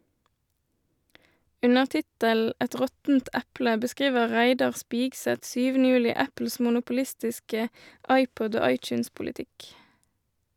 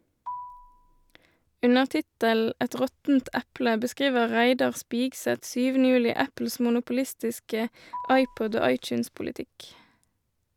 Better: first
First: none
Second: background sound (Marimba, xylophone); 17 dB below the speech

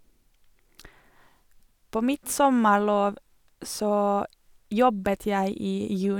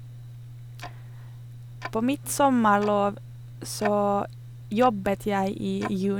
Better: first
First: none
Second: background sound (Tick-tock); 13 dB below the speech

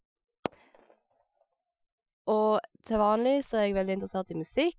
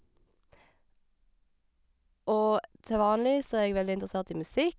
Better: second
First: noise reduction (classical method Wiener filter)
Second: none

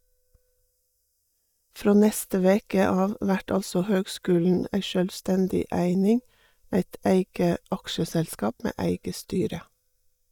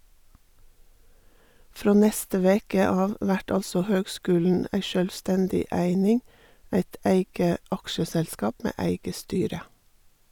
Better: second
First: noise reduction (neural mask model DeepFilterNet 3)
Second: none

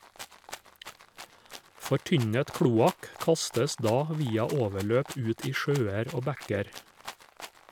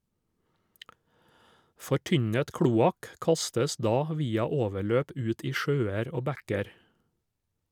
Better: second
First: background sound (Rattle (instrument)); 17 dB below the speech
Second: none

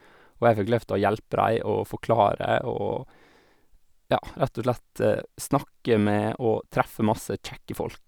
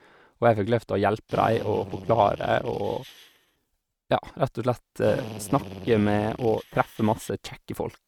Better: first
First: none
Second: noise reduction (neural mask model RNNoise)

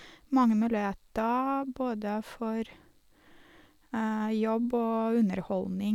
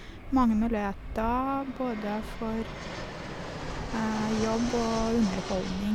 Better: first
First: none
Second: background sound (Fixed-wing aircraft, airplane); 7 dB below the speech

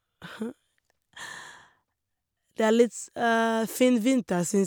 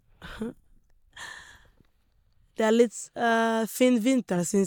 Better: first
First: none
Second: noise reduction (neural mask model DeepFilterNet 3)

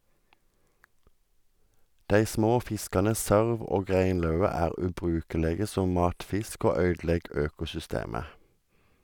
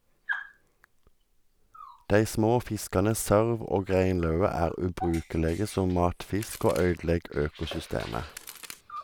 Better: first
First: none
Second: background sound (Dog + Crack); 16 dB below the speech

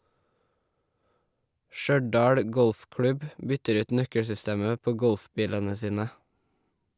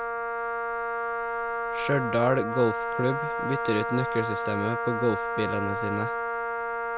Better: first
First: none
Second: background sound (Wind instrument, woodwind instrument); as loud as the speech

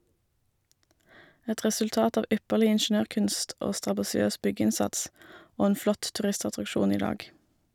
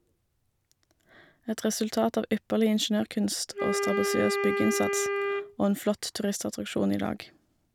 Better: first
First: none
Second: background sound (Wind instrument, woodwind instrument); 1 dB below the speech

